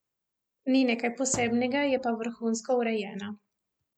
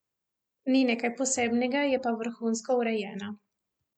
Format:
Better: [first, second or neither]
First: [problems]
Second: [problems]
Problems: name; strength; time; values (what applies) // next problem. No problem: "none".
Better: second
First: background sound (Thump, thud); 15 dB below the speech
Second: none